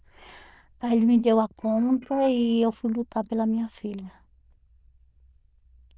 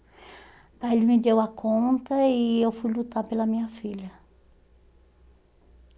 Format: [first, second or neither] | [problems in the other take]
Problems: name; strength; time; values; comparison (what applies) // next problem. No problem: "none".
second | noise reduction (neural diffusion model UNIVERSE++)